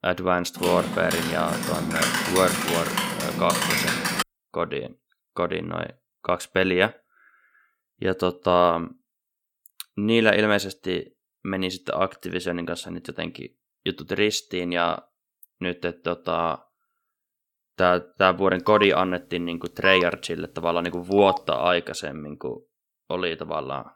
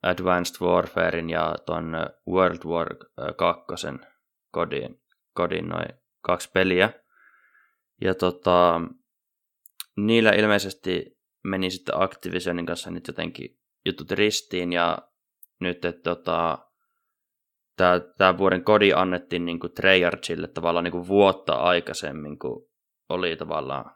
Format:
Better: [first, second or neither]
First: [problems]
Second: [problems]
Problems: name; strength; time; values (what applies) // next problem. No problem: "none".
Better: second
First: keyboard typing; loud; from 0.5 to 4 s; peak 3 dB above the speech // phone ringing; noticeable; from 19 to 21 s; peak 5 dB below the speech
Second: none